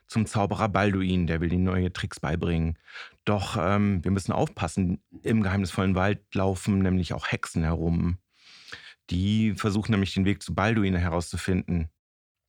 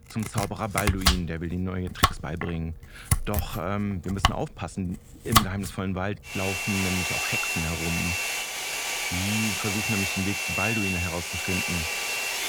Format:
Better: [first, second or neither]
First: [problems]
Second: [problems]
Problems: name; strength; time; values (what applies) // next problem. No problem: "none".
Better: first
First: none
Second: household noises; very loud; throughout; 5 dB above the speech